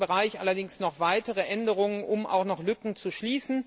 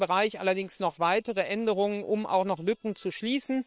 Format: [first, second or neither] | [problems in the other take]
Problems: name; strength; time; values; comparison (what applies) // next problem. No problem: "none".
first | noise reduction (neural separator model SepFormer WHAM!)